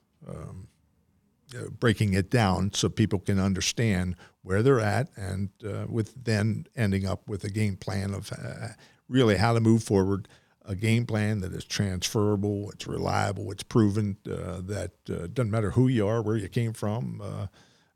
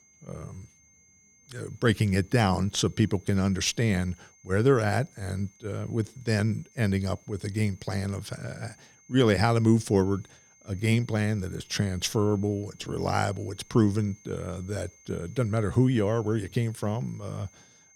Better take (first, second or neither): first